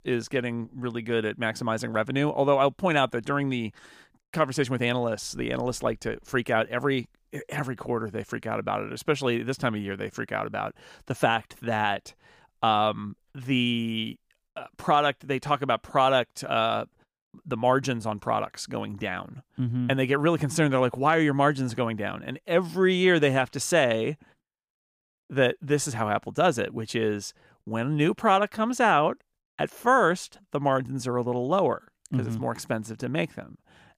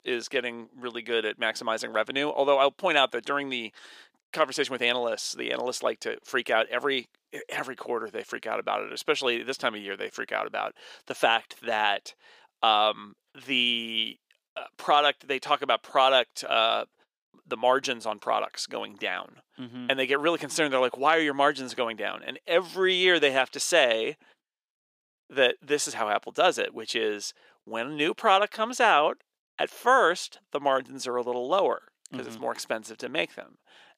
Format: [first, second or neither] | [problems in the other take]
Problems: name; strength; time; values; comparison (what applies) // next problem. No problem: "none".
first | thin; somewhat; fading below 450 Hz